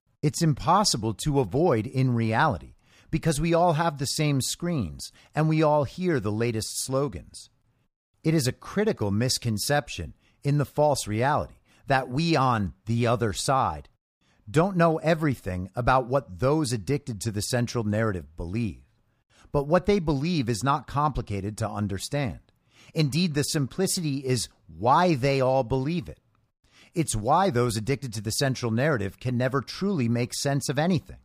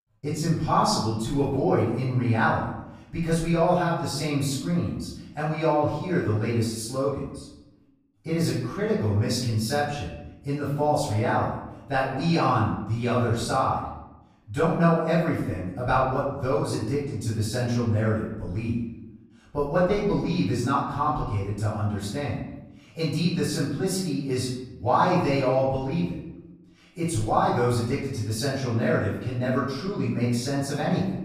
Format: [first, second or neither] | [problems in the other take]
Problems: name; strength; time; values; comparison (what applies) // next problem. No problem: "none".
first | off-mic speech; far // room echo; noticeable; dies away in 0.9 s